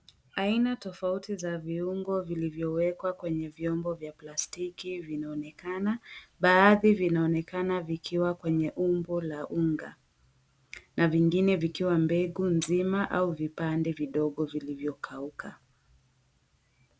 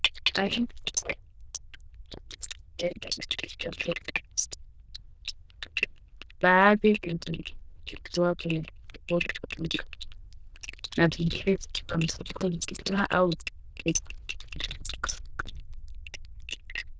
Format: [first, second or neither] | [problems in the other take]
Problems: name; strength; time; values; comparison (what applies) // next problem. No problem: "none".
first | noise reduction (neural diffusion model UNIVERSE++)